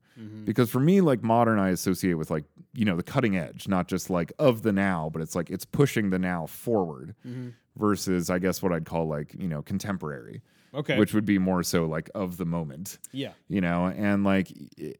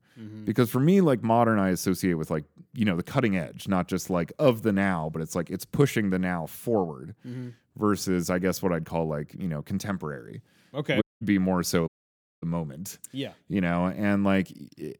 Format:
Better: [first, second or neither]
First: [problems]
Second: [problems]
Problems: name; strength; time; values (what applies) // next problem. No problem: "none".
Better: first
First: none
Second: audio cutting out; at 11 s and at 12 s for 0.5 s